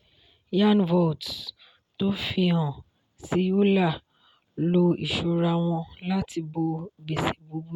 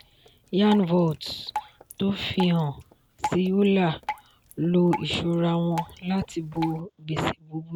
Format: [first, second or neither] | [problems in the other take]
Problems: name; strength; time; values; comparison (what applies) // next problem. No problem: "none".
first | background sound (Drip); 13 dB below the speech